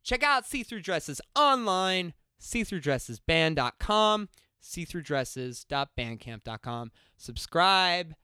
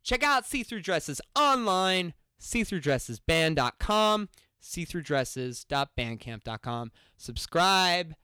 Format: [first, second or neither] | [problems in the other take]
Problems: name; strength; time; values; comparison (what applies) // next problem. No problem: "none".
first | distortion; slight; 3% of the sound clipped